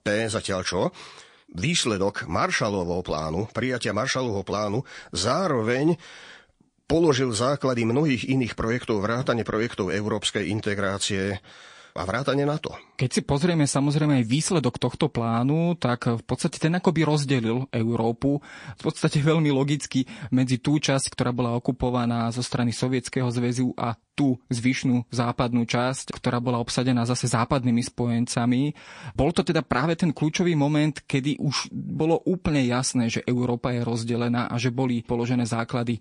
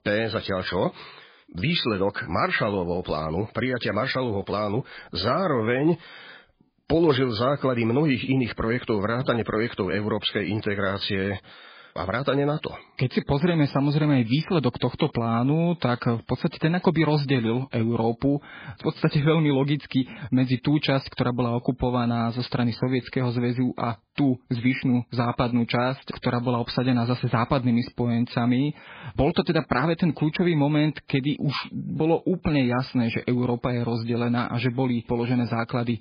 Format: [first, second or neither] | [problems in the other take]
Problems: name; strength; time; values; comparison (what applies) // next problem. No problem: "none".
first | garbled, watery; badly; nothing above 4 kHz; slightly in the first